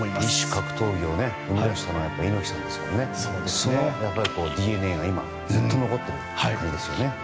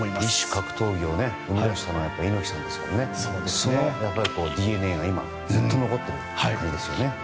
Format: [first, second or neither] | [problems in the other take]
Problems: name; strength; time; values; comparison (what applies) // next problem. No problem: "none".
second | background sound (Bowed string instrument); 13 dB below the speech